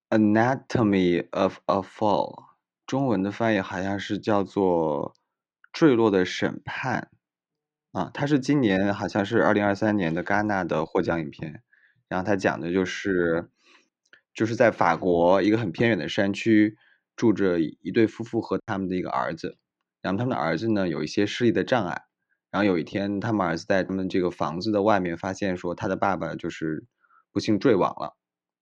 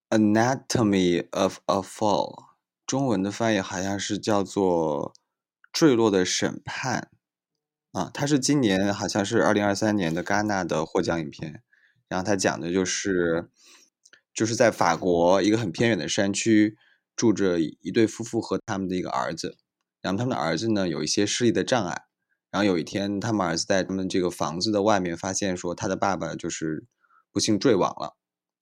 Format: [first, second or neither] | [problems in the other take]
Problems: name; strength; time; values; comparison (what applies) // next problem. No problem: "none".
second | muffled; slightly; fading above 2.5 kHz